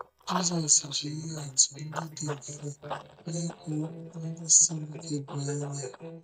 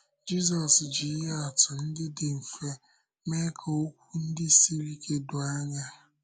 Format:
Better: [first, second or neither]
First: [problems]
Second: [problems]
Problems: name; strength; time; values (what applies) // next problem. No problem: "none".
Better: second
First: noise reduction (neural mask model DeepFilterNet 3)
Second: none